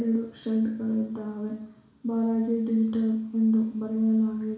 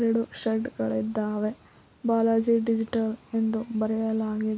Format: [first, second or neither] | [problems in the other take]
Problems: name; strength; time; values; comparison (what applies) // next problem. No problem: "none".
second | room echo; dies away in 0.7 s